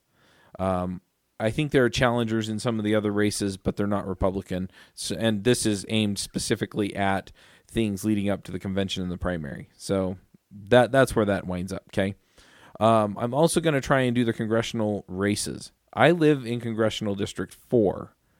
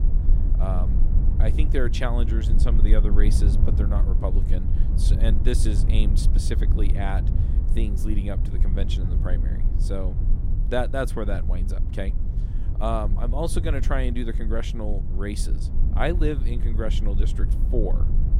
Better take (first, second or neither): first